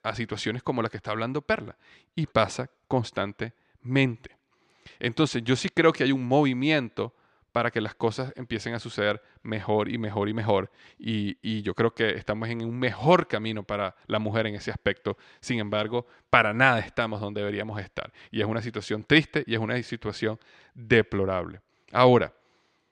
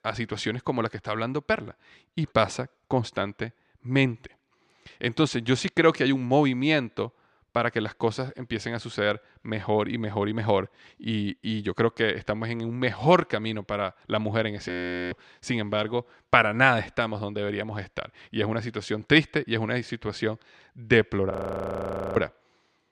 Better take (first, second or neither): first